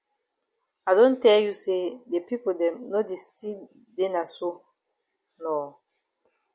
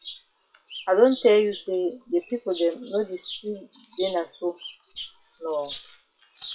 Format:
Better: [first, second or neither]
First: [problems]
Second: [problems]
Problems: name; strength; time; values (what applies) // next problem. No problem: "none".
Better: first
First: none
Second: noise reduction (classical method WPE with log-MMSE)